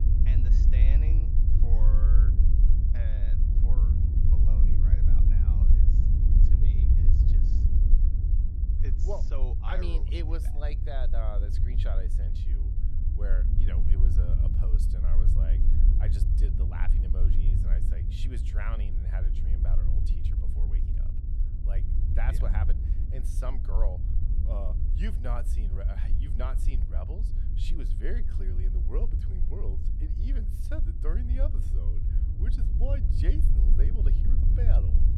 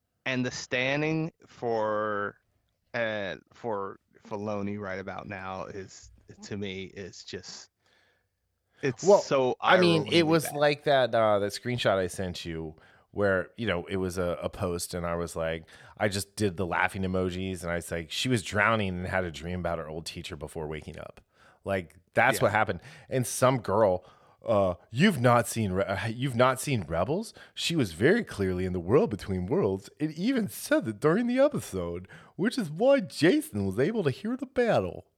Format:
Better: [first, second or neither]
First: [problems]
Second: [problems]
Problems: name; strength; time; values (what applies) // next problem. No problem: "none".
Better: second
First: low rumble; loud; throughout; 2 dB below the speech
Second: none